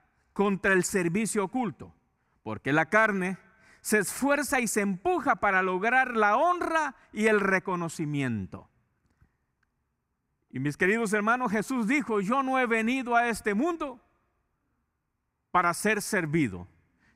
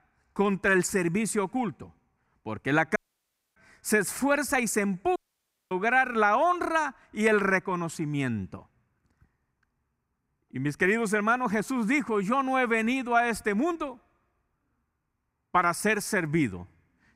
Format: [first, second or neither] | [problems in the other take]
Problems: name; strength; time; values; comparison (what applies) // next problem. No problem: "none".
first | audio cutting out; at 3 s for 0.5 s and at 5 s for 0.5 s